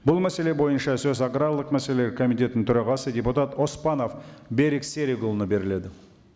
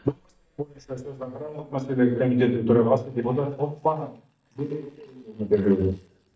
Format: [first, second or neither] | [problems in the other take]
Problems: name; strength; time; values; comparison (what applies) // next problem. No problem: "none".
first | noise reduction (neural mask model DeepFilterNet 3)